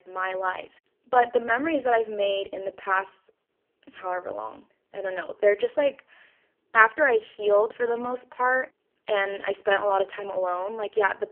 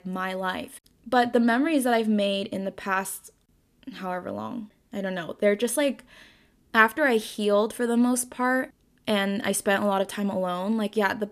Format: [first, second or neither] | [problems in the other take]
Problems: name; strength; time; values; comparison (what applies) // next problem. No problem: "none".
second | phone-call audio; poor line; nothing above 3 kHz